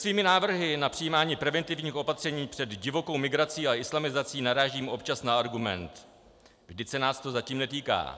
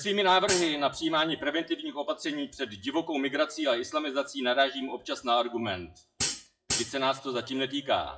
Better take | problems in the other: first | noise reduction (classical method WPE with log-MMSE)

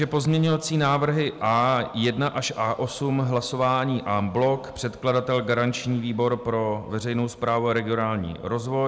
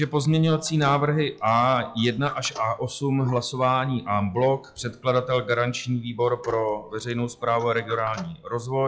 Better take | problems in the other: first | noise reduction (classical method log-MMSE)

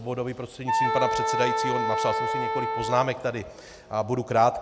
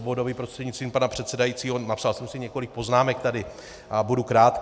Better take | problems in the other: second | background sound (Wind instrument, woodwind instrument); as loud as the speech

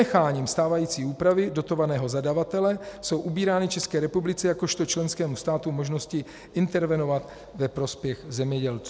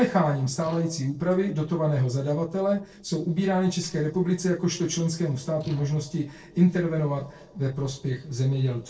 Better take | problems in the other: first | noise reduction (neural separator model SepFormer DNS4)

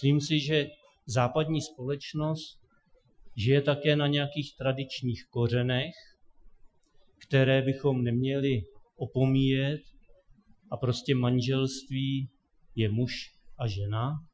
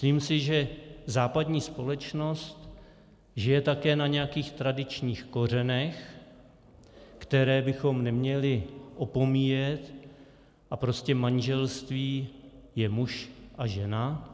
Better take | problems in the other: second | noise reduction (classical method Wiener filter)

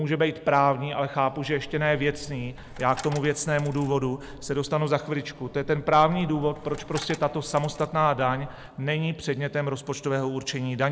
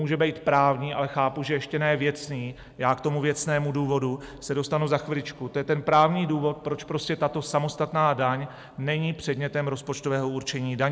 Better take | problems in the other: second | background sound (Coin (dropping)); 17 dB below the speech

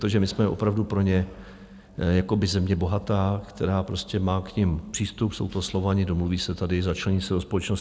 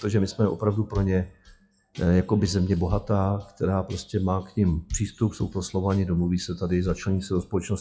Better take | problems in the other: first | noise reduction (classical method WPE with log-MMSE)

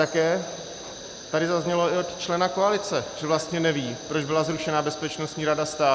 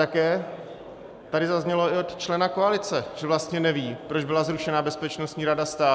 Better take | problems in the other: second | background sound (Fire); 16 dB below the speech

